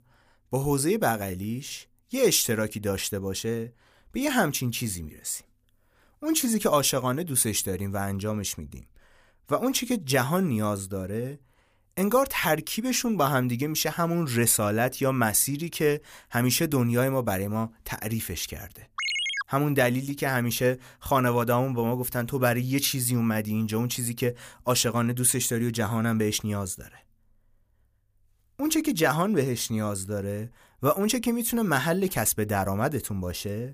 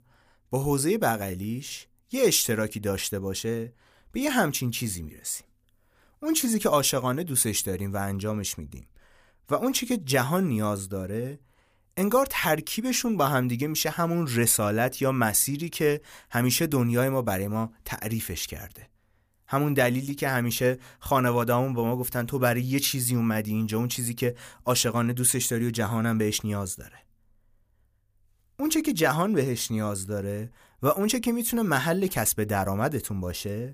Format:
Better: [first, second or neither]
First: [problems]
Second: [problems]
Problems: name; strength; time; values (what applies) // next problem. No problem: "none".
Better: second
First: phone ringing; noticeable; at 19 s; peak level with the speech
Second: none